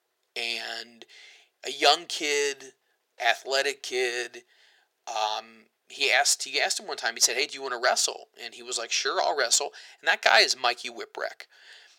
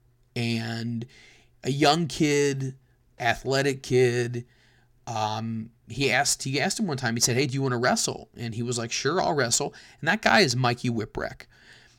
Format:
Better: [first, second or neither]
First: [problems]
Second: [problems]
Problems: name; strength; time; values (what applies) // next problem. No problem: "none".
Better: second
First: thin; very; fading below 500 Hz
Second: none